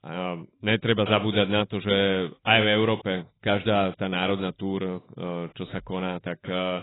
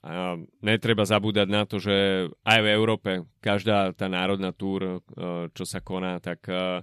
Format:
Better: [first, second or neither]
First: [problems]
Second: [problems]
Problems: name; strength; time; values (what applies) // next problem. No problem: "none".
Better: second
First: garbled, watery; badly; nothing above 3.5 kHz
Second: none